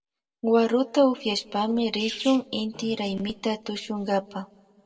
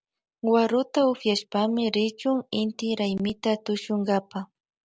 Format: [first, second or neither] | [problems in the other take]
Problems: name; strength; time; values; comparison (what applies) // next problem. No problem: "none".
second | background sound (Sneeze); 18 dB below the speech // room echo; dies away in 1.5 s